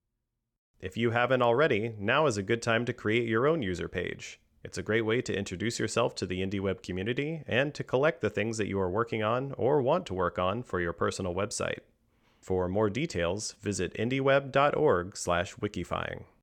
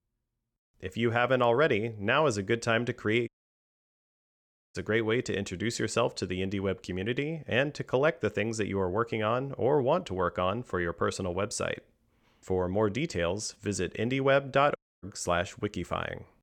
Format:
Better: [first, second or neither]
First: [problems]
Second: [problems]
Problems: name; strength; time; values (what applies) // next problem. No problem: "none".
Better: first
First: none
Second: audio cutting out; at 3.5 s for 1.5 s and at 15 s